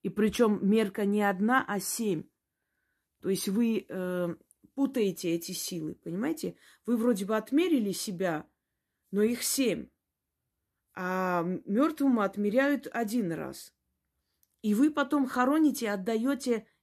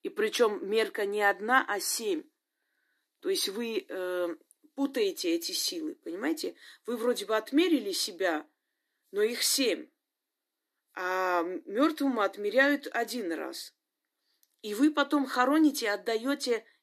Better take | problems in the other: first | thin; very slightly; fading below 300 Hz

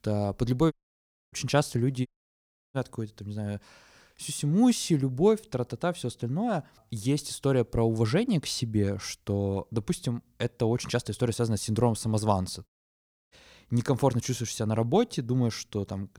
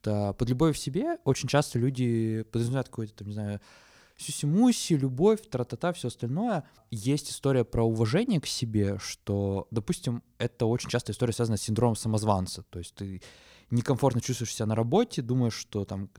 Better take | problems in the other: second | audio cutting out; at 0.5 s for 0.5 s, at 2 s for 0.5 s and at 13 s for 0.5 s

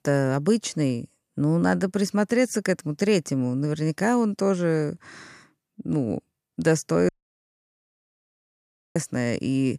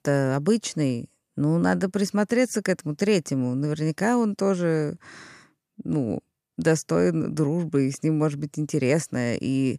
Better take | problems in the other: second | audio cutting out; at 7 s for 2 s

